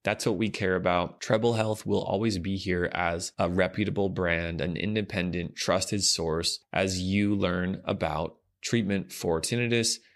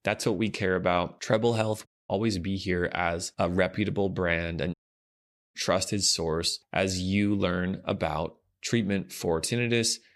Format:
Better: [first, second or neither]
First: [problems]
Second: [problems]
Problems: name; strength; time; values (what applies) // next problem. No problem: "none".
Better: first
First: none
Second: audio cutting out; at 2 s and at 4.5 s for 1 s